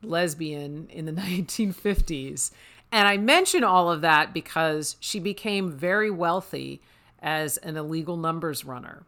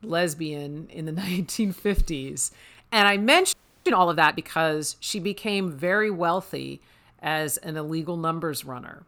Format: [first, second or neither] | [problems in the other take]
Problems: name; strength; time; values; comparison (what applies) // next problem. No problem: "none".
first | audio freezing; at 3.5 s